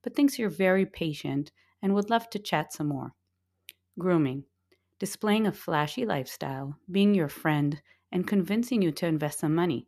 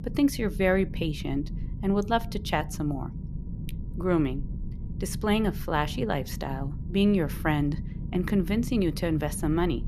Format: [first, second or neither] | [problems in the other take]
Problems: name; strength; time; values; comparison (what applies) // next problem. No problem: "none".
first | low rumble; noticeable; throughout; 20 dB below the speech